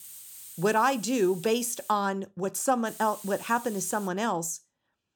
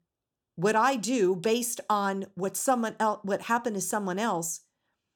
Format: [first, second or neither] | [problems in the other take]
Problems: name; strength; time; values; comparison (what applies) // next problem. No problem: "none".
second | hiss; noticeable; until 2 s and from 3 to 4 s; 15 dB below the speech